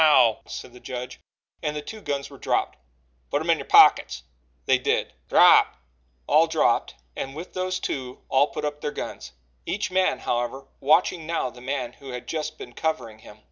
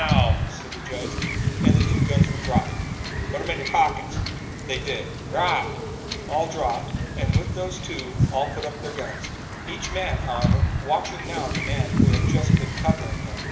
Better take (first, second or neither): first